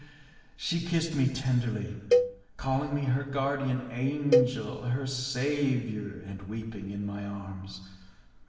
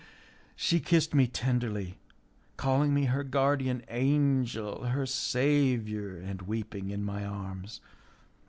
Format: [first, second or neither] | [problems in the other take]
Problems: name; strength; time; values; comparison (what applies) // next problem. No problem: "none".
second | background sound (Cowbell); as loud as the speech // room echo; dies away in 1.2 s